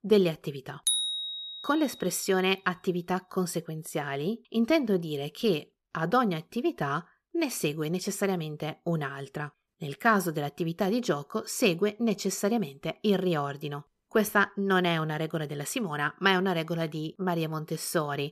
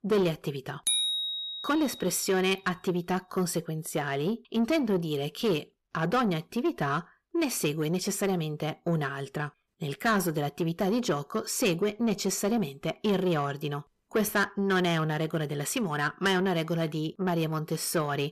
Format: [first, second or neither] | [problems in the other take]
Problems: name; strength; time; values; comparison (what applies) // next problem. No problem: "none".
first | distortion; slight; 10 dB below the speech